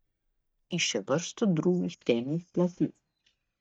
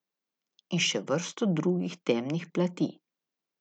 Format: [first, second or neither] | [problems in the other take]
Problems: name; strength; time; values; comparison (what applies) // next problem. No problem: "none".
second | noise reduction (neural mask model DeepFilterNet 3)